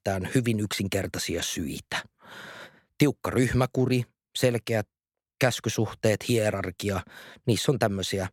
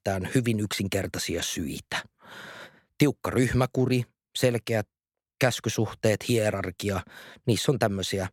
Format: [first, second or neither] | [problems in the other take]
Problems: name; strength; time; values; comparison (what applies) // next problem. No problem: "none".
neither | none